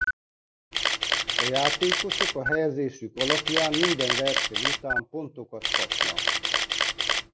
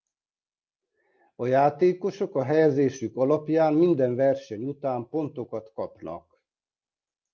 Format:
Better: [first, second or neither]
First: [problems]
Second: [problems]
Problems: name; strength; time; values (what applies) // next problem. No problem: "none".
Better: second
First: background sound (Camera); 3 dB above the speech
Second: none